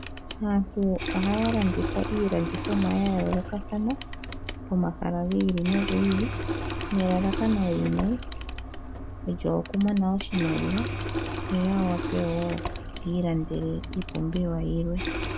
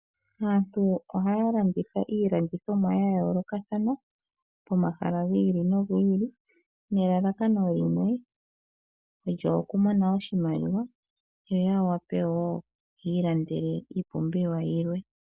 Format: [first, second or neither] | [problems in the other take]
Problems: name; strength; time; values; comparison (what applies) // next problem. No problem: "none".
second | background sound (Camera + Water tap, faucet); 5 dB below the speech